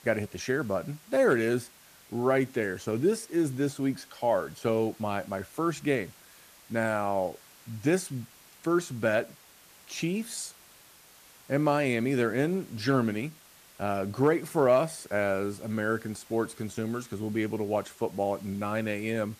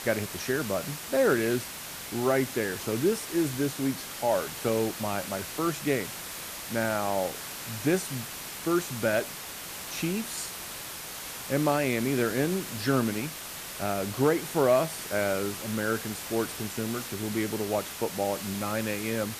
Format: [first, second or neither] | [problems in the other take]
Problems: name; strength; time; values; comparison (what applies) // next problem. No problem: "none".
first | hiss; loud; throughout; 7 dB below the speech; faint in the first